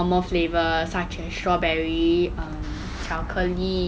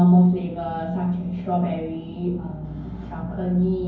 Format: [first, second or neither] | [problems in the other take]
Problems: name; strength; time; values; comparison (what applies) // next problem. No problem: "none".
first | room echo; dies away in 0.9 s